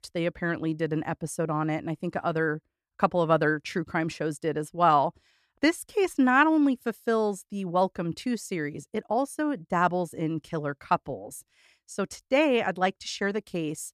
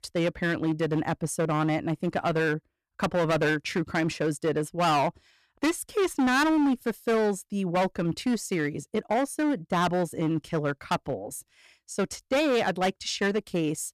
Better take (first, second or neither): first